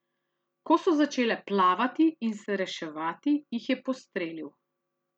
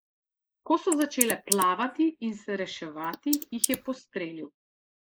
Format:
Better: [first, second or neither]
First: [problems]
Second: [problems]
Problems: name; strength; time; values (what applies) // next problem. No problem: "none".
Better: first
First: none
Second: noise reduction (neural mask model Resemble Enhance denoiser)